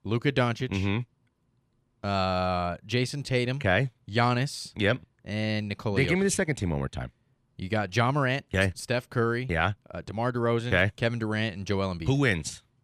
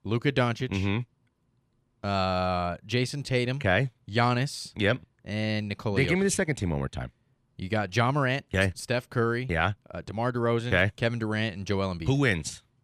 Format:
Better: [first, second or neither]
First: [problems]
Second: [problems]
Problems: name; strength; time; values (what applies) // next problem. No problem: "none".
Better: neither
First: none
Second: none